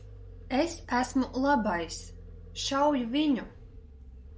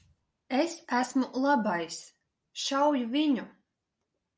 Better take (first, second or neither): second